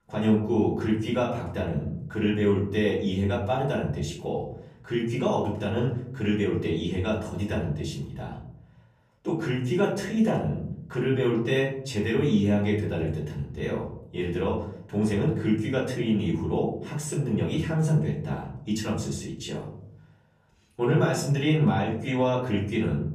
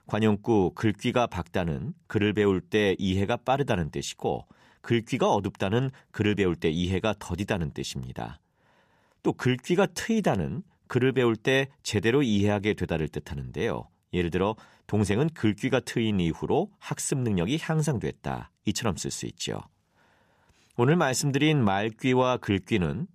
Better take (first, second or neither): second